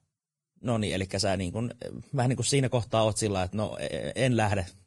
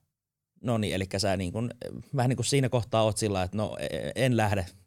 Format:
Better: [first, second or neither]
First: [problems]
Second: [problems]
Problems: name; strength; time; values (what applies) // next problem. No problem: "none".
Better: second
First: garbled, watery; badly; nothing above 10 kHz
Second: none